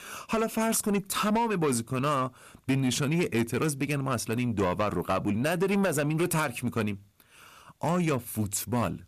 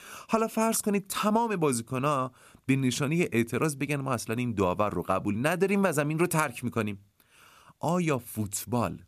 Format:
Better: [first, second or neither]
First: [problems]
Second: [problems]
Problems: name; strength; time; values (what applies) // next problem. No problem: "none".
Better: second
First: distortion; slight; 10 dB below the speech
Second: none